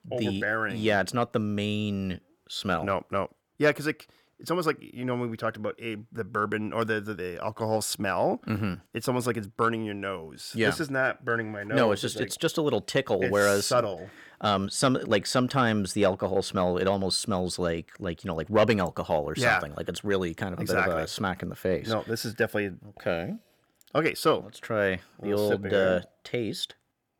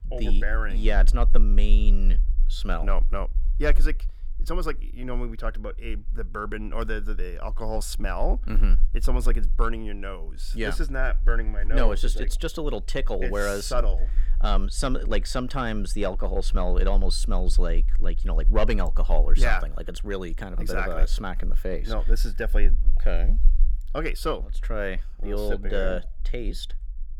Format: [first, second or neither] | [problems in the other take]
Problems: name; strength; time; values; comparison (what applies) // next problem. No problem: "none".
first | low rumble; faint; throughout; 25 dB below the speech